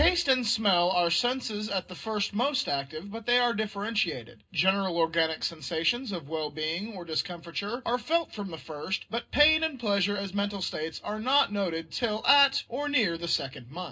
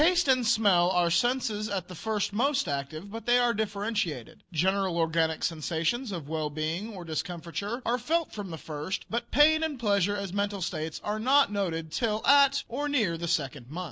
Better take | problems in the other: second | room echo; dies away in 0.2 s

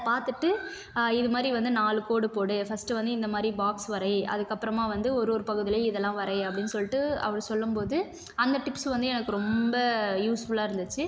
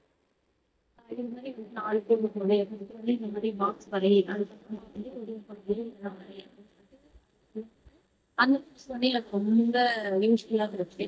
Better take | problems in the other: first | noise reduction (neural mask model DeepFilterNet 3)

